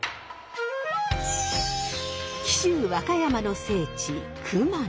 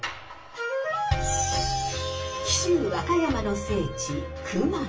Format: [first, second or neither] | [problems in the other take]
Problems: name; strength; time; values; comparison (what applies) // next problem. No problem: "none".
first | room echo; dies away in 0.3 s